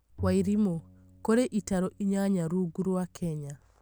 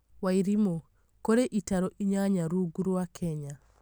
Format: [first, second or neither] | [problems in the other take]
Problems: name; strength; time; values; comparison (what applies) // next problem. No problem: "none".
second | background sound (Bowed string instrument); 15 dB below the speech